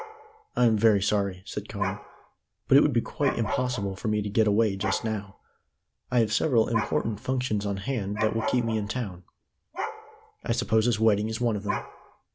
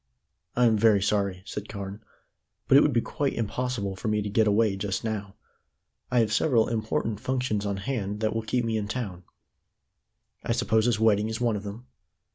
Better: second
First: background sound (Dog); 11 dB below the speech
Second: none

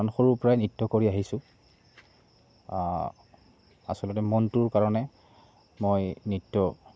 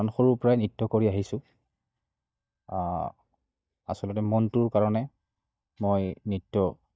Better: first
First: none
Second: noise reduction (neural mask model DeepFilterNet 3)

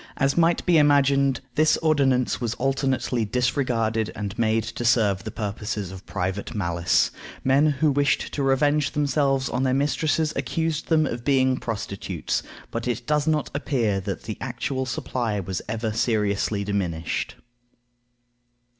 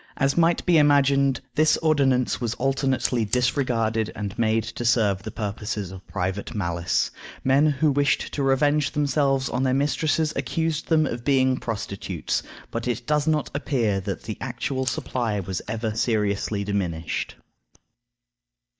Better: first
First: none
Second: noise reduction (neural mask model DeepFilterNet 3)

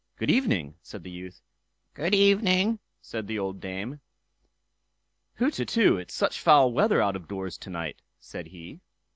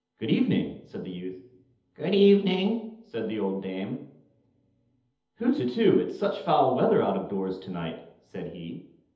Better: first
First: none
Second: room echo; dies away in 0.8 s

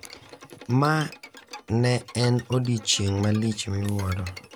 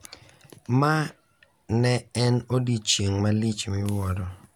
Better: second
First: background sound (Bowed string instrument); 19 dB below the speech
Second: none

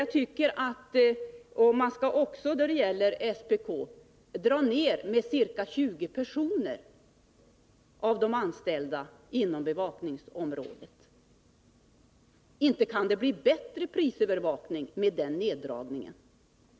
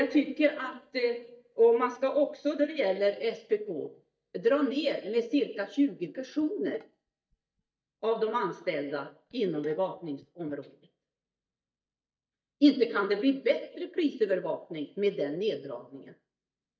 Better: first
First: none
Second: noise reduction (neural mask model DeepFilterNet 3)

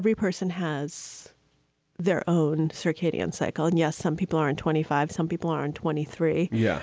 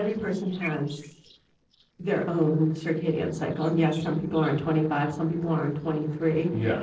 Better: first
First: none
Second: noise reduction (neural separator model SepFormer DNS4)

